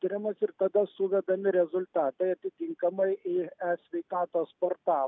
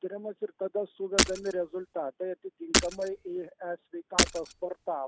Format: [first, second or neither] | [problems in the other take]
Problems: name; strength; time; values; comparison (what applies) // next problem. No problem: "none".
first | background sound (Shatter); 5 dB above the speech